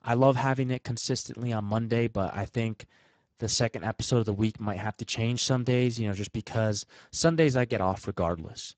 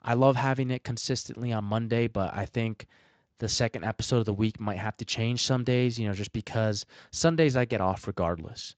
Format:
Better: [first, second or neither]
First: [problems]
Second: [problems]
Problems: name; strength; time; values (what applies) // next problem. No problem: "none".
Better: second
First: garbled, watery; badly; nothing above 7.5 kHz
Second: garbled, watery; slightly; nothing above 7.5 kHz